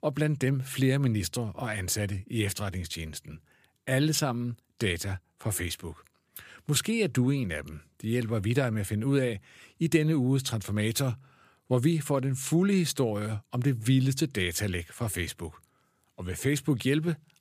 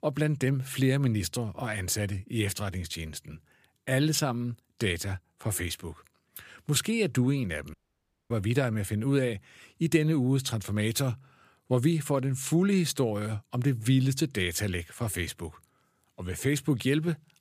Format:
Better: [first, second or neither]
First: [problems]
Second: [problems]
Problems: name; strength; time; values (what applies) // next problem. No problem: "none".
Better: first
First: none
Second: audio cutting out; at 7.5 s for 0.5 s